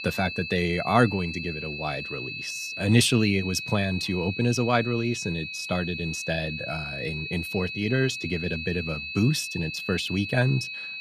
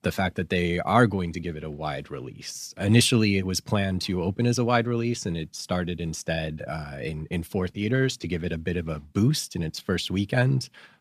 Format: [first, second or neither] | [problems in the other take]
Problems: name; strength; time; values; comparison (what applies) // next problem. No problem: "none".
second | high-pitched whine; loud; throughout; 2.5 kHz, 6 dB below the speech